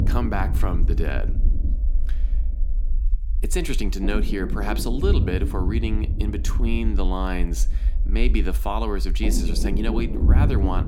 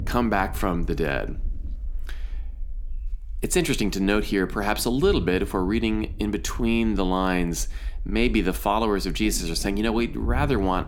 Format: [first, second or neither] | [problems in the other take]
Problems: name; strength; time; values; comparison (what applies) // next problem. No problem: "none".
second | low rumble; loud; throughout; 8 dB below the speech; faint in the second